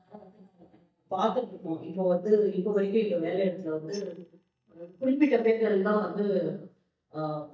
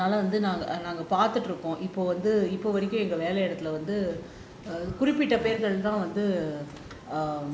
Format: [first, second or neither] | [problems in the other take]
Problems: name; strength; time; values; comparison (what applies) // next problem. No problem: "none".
second | noise reduction (neural mask model DeepFilterNet 3)